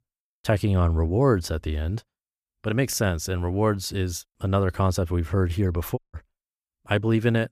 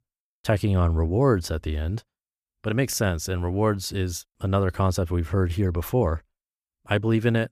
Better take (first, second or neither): second